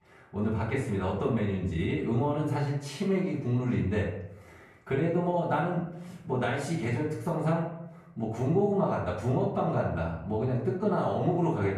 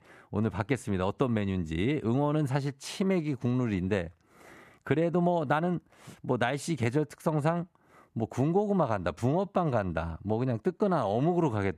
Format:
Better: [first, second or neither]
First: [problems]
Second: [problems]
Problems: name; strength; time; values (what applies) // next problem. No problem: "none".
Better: second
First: off-mic speech; far // room echo; noticeable; dies away in 0.6 s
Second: none